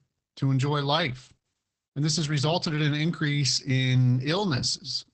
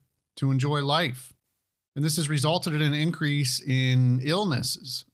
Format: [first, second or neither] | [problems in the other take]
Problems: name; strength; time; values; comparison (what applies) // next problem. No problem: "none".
second | garbled, watery; badly; nothing above 8 kHz; slightly in the second